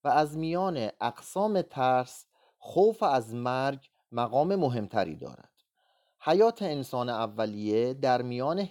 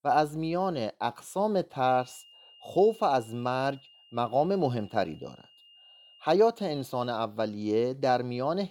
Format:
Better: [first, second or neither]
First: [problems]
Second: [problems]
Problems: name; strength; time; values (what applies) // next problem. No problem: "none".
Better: first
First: none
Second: high-pitched whine; faint; from 2 to 6.5 s; 3 kHz, 25 dB below the speech